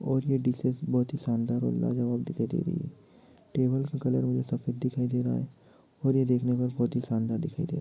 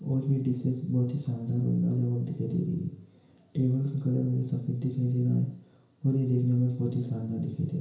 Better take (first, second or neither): first